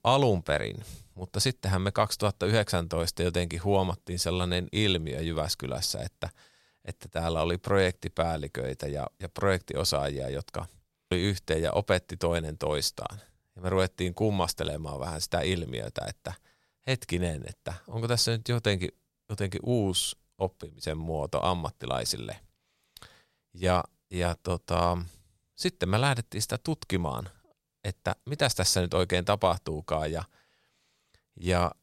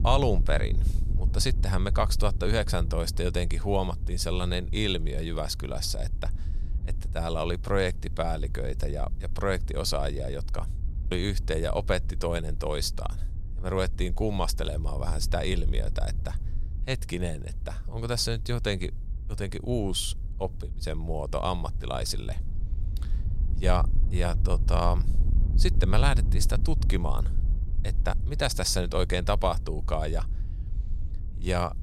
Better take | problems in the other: first | wind noise on the microphone; occasional gusts; 20 dB below the speech

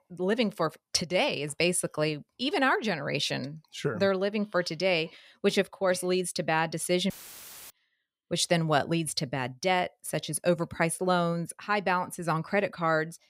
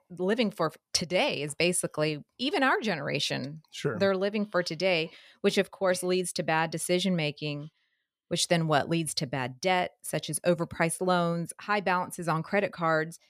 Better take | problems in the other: second | audio cutting out; filled with static; at 7 s for 0.5 s

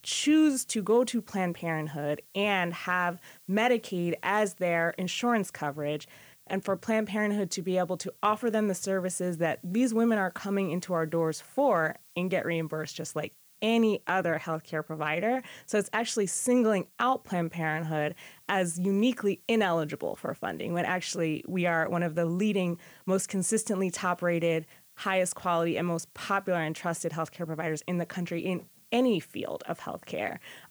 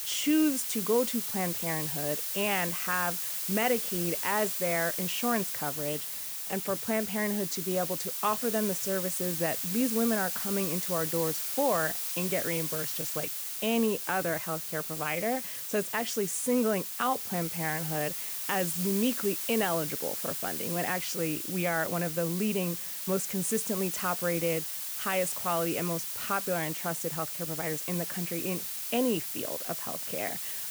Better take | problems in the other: first | hiss; loud; throughout; 1 dB below the speech; faint in the first

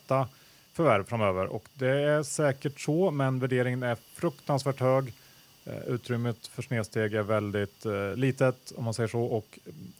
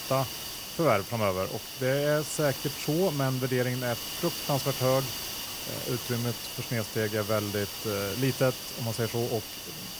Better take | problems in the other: first | hiss; loud; throughout; 5 dB below the speech; faint in the first

